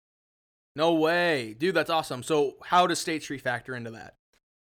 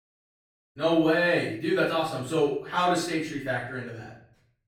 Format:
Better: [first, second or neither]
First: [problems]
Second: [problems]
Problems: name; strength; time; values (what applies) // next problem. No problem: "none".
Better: first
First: none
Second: room echo; noticeable; dies away in 0.6 s // off-mic speech; far